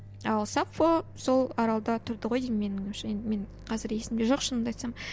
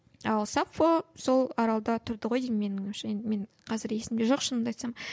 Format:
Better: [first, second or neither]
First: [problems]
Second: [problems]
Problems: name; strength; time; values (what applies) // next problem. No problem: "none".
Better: second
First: background sound (Microwave oven); 17 dB below the speech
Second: none